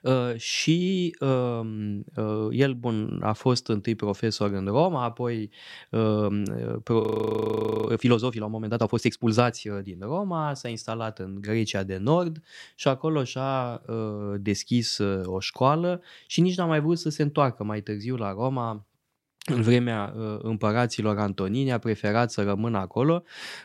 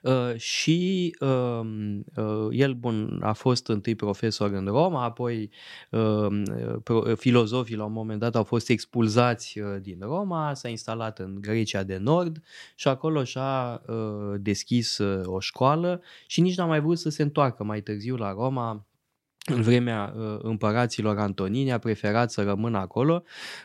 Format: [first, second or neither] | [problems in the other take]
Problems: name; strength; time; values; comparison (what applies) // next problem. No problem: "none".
second | audio freezing; at 7 s for 1 s